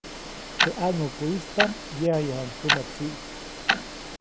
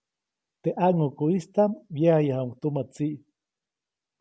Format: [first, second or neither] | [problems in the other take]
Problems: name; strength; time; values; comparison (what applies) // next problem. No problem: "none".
second | background sound (Tick-tock); as loud as the speech